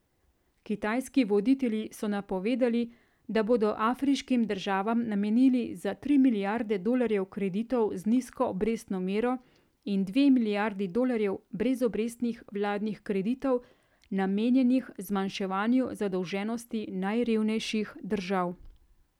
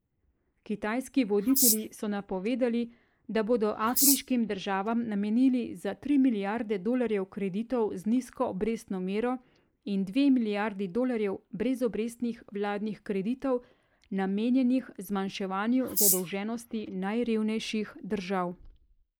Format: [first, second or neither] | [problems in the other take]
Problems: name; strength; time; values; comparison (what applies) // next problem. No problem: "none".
first | noise reduction (neural mask model Resemble Enhance denoiser)